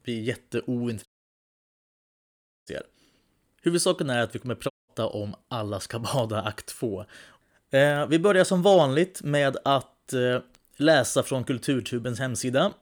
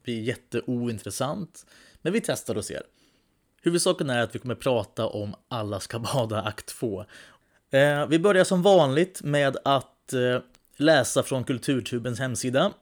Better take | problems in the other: second | audio cutting out; at 1 s for 1.5 s and at 4.5 s

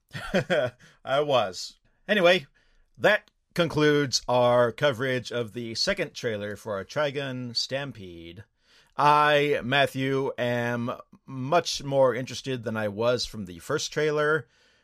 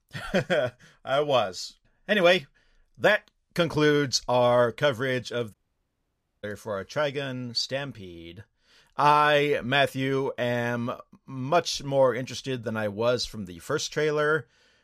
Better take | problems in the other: first | audio cutting out; at 5.5 s for 1 s

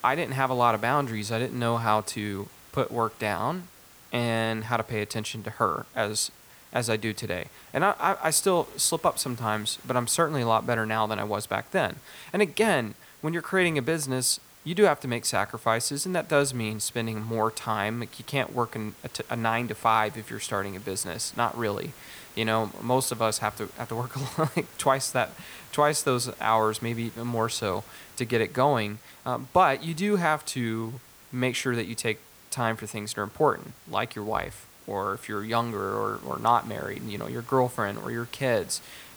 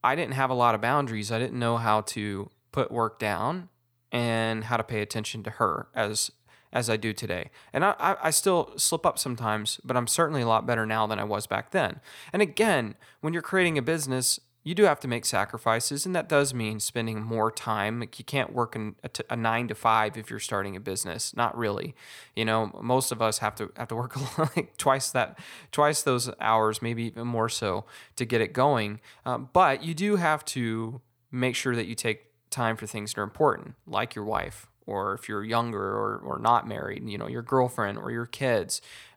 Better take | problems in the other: second | hiss; faint; throughout; 20 dB below the speech

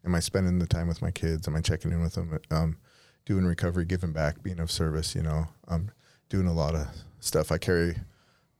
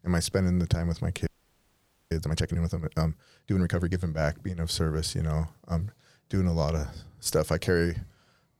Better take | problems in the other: first | audio freezing; at 1.5 s for 1 s

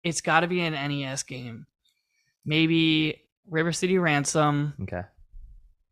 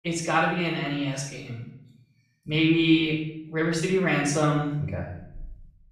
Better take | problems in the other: first | off-mic speech; far // room echo; noticeable; dies away in 0.6 s

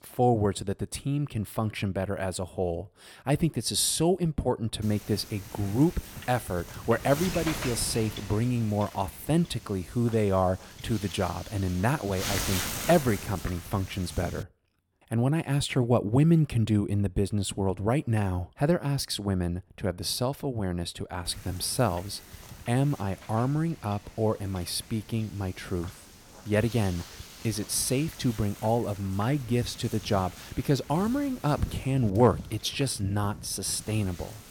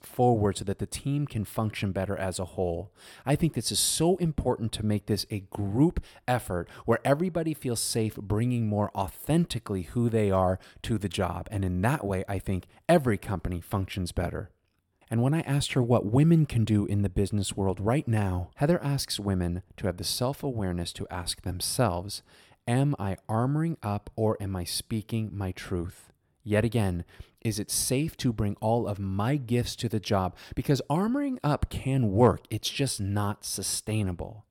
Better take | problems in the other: second | wind noise on the microphone; occasional gusts; from 5 to 14 s and from 21 s on; 10 dB below the speech

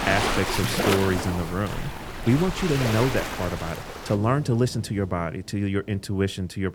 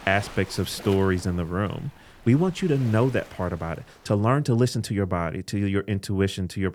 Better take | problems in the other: second | rain or running water; loud; throughout; 3 dB below the speech; faint in the second

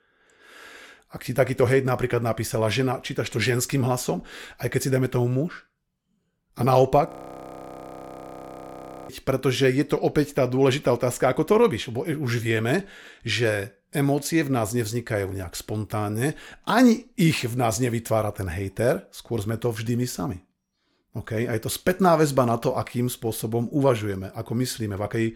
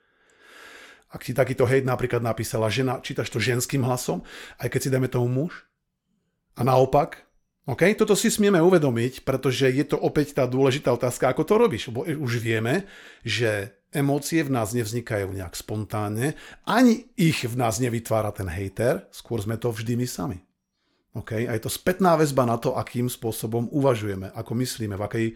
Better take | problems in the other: second | audio freezing; at 7 s for 2 s

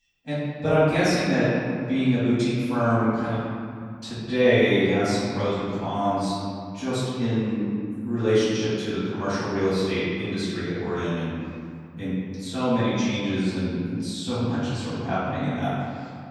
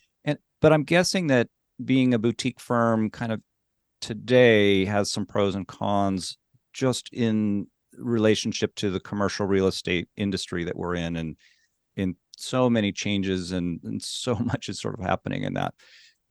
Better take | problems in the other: second | room echo; strong; dies away in 2.2 s // off-mic speech; far

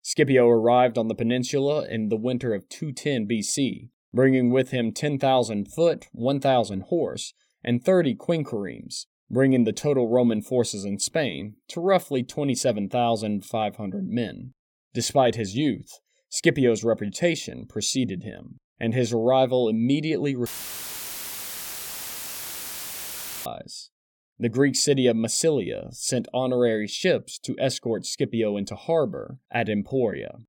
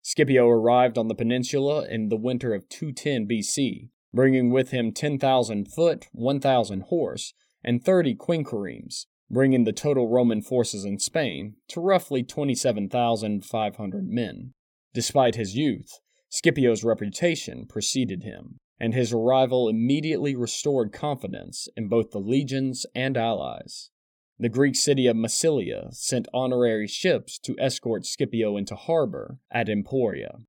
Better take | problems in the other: second | audio cutting out; filled with static; at 20 s for 3 s

